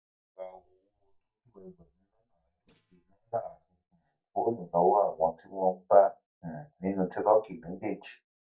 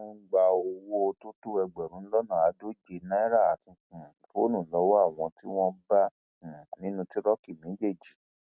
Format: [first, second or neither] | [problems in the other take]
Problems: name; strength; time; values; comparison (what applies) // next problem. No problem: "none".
second | noise reduction (neural mask model DeepFilterNet 3)